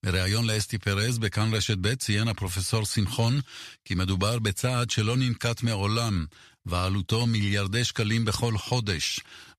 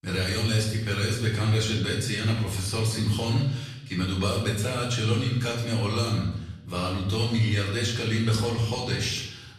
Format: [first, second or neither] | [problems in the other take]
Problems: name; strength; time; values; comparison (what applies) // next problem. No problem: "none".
first | room echo; noticeable; dies away in 0.8 s // off-mic speech; far